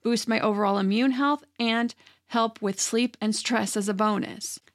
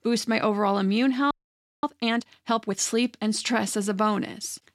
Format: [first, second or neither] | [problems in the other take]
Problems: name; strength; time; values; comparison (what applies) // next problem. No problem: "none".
first | audio freezing; at 1.5 s for 0.5 s